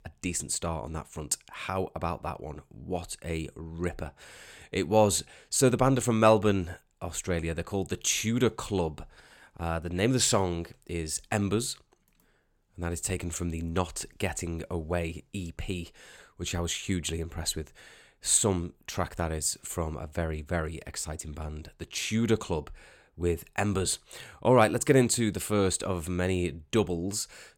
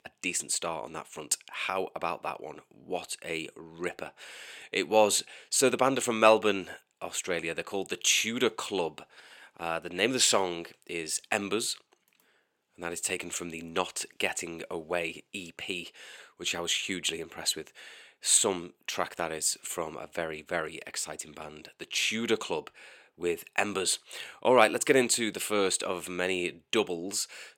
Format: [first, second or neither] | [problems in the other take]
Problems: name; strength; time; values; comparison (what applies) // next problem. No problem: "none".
first | thin; somewhat; fading below 300 Hz